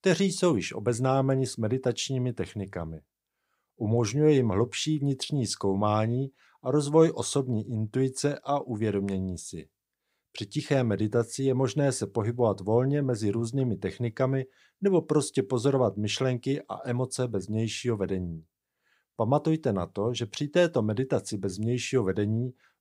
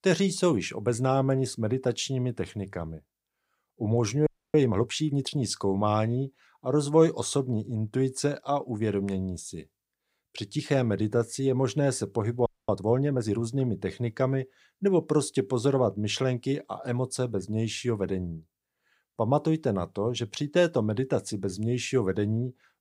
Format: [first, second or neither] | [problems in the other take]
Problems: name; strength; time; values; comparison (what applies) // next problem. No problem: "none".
first | audio freezing; at 4.5 s and at 12 s